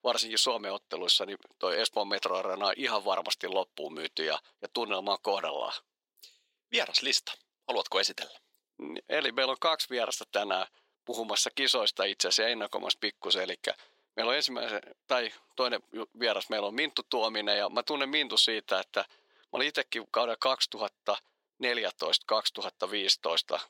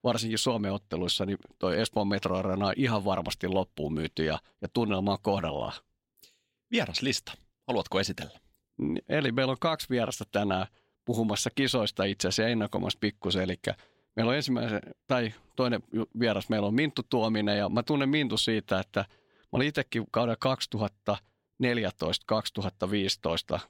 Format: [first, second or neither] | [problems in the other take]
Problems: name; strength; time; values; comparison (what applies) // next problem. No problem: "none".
second | thin; very; fading below 400 Hz